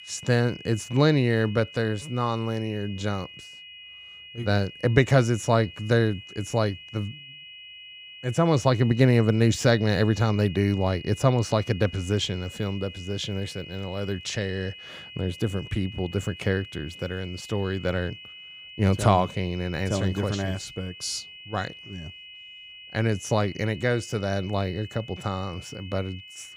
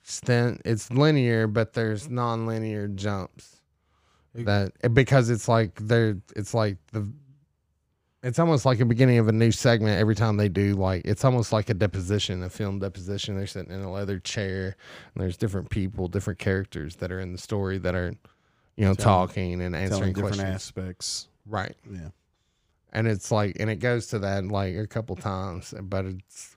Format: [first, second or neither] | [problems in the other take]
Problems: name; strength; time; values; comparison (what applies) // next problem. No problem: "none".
second | high-pitched whine; noticeable; throughout; 3 kHz, 15 dB below the speech